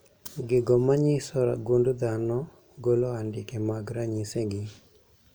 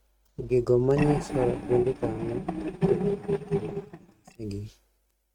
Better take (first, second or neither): first